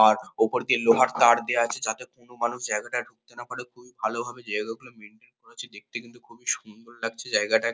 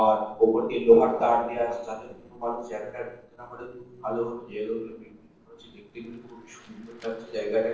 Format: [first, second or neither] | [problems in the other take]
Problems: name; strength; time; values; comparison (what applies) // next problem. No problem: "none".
first | noise reduction (neural separator model SepFormer DNS4)